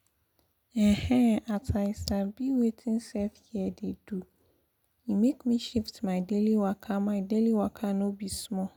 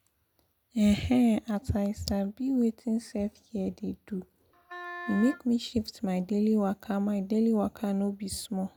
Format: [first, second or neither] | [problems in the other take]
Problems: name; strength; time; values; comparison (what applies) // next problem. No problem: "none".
first | background sound (Wind instrument, woodwind instrument); 13 dB below the speech